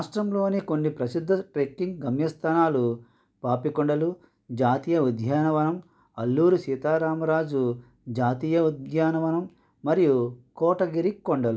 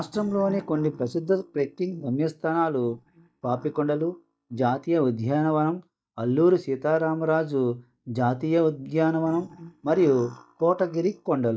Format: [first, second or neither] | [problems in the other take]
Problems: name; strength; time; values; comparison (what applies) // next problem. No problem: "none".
first | noise reduction (neural mask model DeepFilterNet 3)